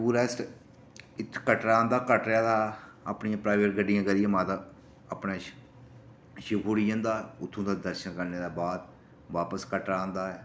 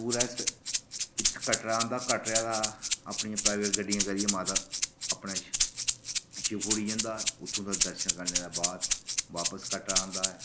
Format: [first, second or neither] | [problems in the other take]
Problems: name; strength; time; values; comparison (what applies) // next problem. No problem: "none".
first | background sound (Rattle (instrument)); 4 dB above the speech